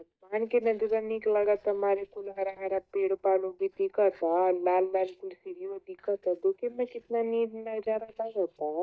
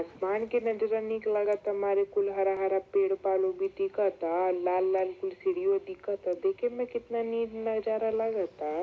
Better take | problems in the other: second | noise reduction (neural mask model DeepFilterNet 3)

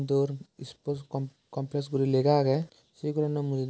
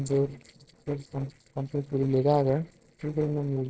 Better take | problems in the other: first | noise reduction (neural separator model SepFormer DNS4)

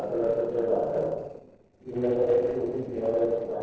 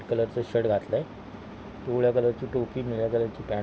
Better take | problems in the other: second | noise reduction (neural separator model SepFormer DNS4)

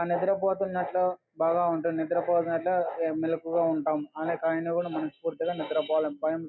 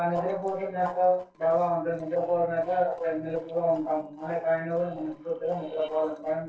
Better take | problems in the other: first | noise reduction (neural separator model SepFormer DNS4)

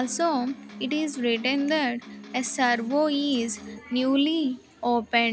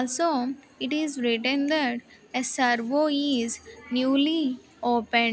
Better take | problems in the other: second | background sound (Electric guitar); 17 dB below the speech

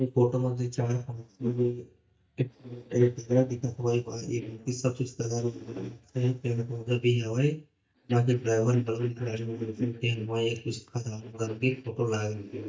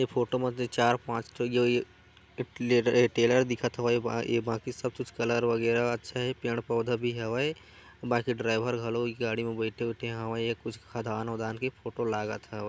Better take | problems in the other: second | noise reduction (neural mask model DeepFilterNet 3)

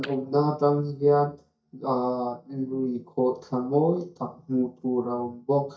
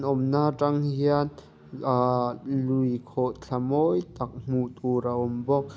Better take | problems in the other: second | noise reduction (neural mask model DeepFilterNet 3)

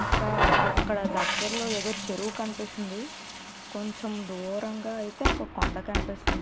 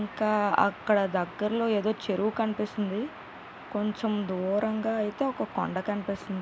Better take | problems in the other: second | background sound (Knock + Water tap, faucet); 3 dB above the speech

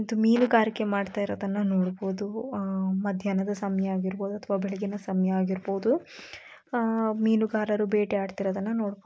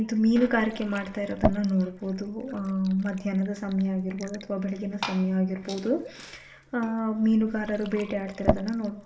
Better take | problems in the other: first | background sound (Fill (with liquid) / Glass); 8 dB below the speech // room echo; dies away in 0.6 s

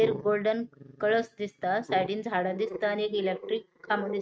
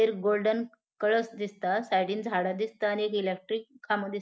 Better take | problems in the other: second | noise reduction (neural mask model RNNoise)

